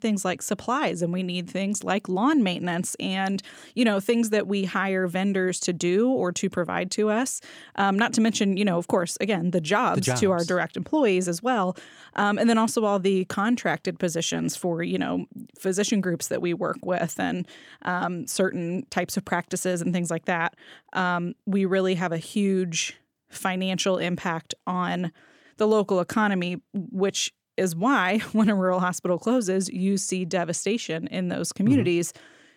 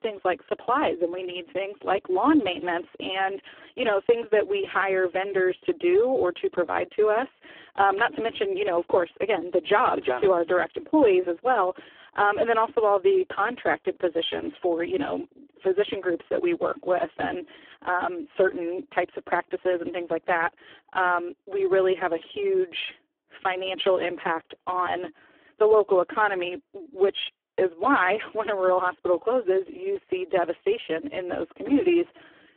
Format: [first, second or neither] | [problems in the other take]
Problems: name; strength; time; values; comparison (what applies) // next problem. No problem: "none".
first | phone-call audio; poor line; nothing above 3.5 kHz